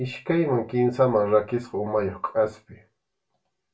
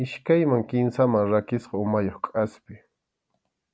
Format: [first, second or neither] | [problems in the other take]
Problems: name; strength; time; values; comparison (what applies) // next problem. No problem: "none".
second | room echo; dies away in 0.2 s